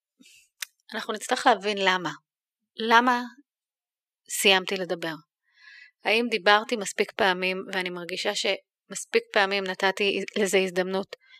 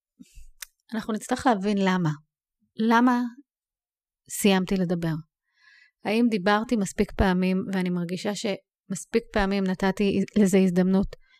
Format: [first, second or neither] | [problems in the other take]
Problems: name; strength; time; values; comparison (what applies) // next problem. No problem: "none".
second | thin; somewhat; fading below 450 Hz